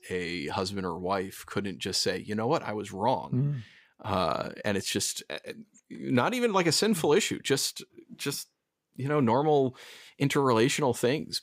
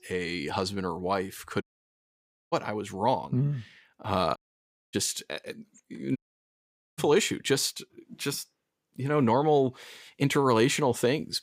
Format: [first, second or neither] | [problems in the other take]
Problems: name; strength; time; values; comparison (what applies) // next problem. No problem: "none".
first | audio cutting out; at 1.5 s for 1 s, at 4.5 s for 0.5 s and at 6 s for 1 s